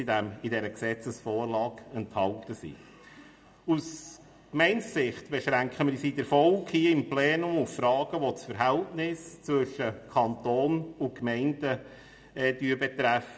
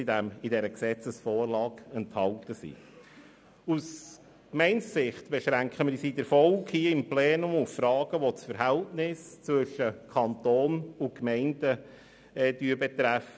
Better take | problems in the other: second | room echo; dies away in 0.7 s

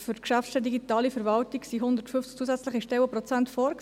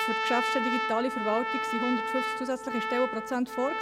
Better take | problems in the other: first | background sound (Trumpet); as loud as the speech

